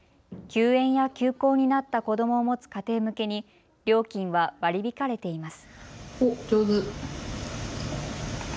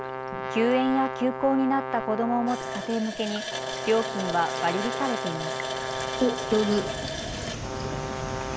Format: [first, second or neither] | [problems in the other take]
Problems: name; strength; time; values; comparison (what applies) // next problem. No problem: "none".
first | background sound (Brass instrument + Water tap, faucet); 4 dB below the speech